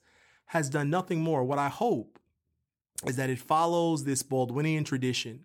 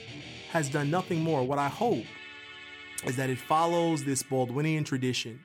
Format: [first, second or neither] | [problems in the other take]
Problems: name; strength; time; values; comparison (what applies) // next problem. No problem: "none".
first | background music; noticeable; throughout; 15 dB below the speech